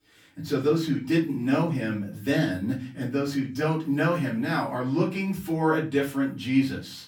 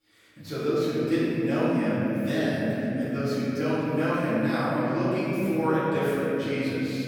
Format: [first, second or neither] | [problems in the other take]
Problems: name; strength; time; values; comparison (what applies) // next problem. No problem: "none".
first | room echo; strong; dies away in 3 s; slight in the first // off-mic speech; far; far in the first